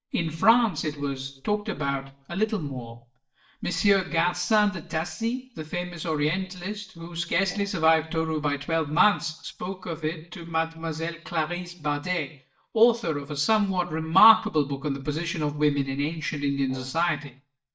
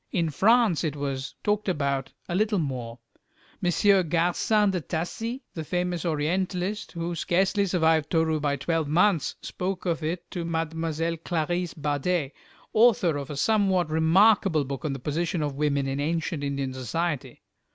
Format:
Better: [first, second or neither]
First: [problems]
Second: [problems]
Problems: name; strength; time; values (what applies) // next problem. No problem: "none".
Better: second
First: noise reduction (neural mask model DeepFilterNet 3)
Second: none